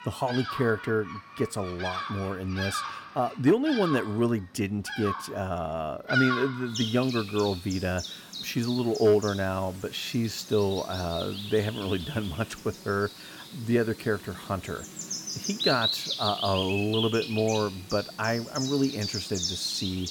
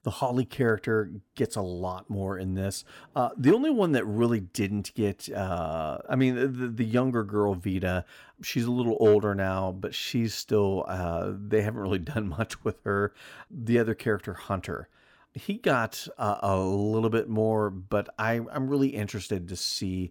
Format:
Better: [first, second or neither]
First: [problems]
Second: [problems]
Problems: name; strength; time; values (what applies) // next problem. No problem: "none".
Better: second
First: animal sounds; loud; throughout; 5 dB below the speech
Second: none